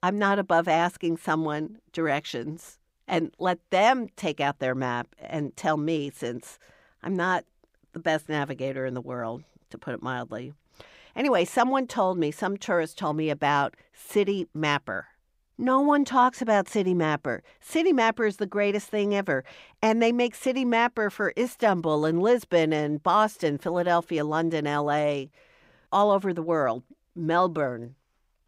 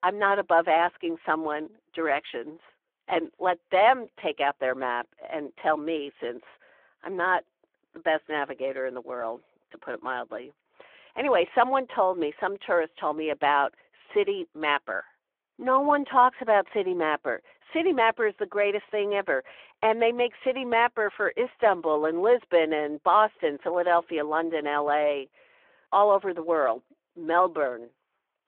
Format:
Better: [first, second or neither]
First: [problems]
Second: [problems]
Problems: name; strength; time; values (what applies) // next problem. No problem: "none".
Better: first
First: none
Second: phone-call audio